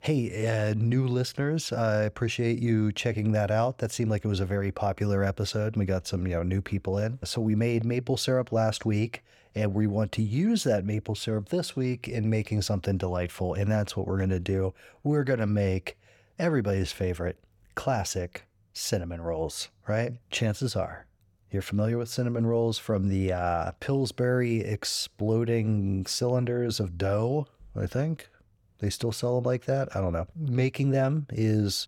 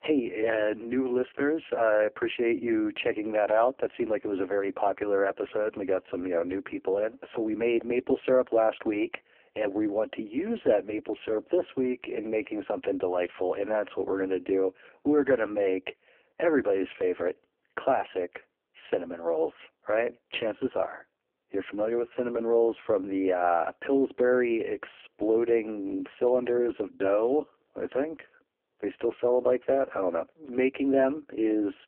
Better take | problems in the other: first | phone-call audio; poor line

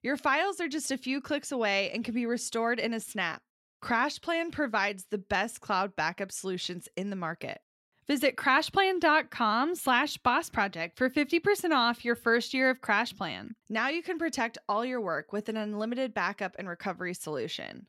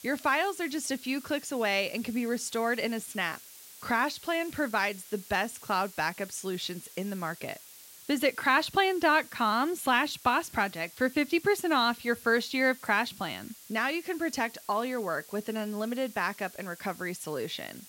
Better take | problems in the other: first | hiss; noticeable; throughout; 20 dB below the speech

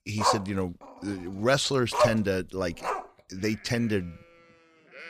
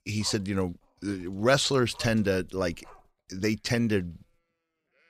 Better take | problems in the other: second | animal sounds; loud; throughout; as loud as the speech; faint in the second

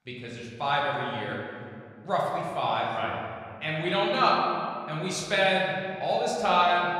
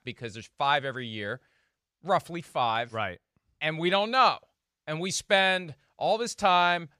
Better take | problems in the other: second | room echo; noticeable; dies away in 2.1 s // off-mic speech; far

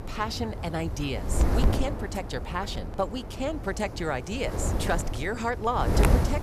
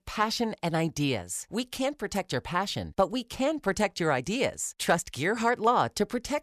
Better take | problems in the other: second | wind noise on the microphone; heavy; 5 dB below the speech

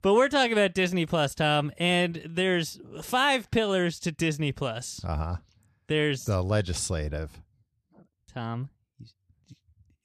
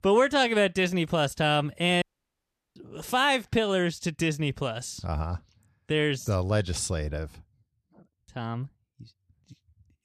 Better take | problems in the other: first | audio cutting out; at 2 s for 0.5 s

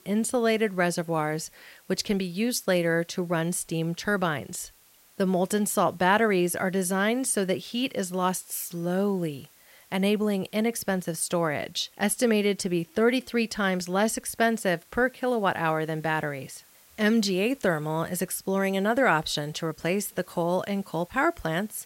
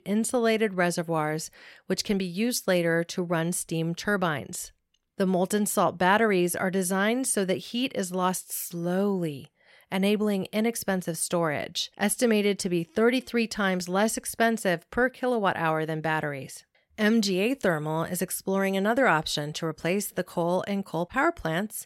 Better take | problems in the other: second | hiss; faint; throughout; 30 dB below the speech

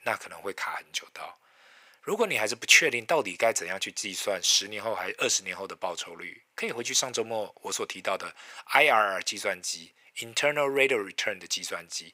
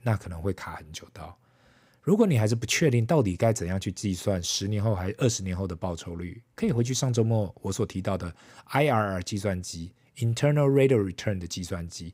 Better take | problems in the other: second | thin; very; fading below 700 Hz

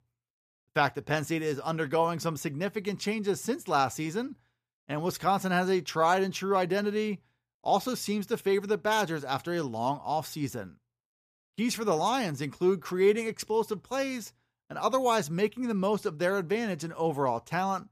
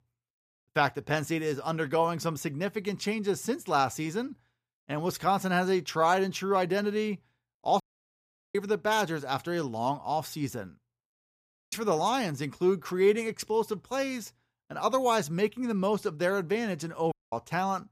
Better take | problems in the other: first | audio cutting out; at 8 s for 0.5 s, at 12 s and at 17 s

